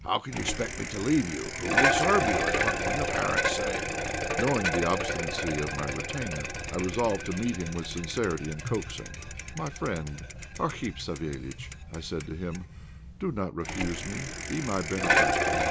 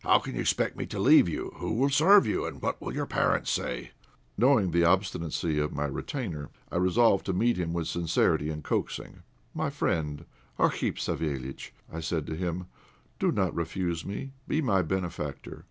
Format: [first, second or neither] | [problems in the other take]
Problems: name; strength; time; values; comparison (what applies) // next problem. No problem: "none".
second | background sound (Bicycle); 1 dB above the speech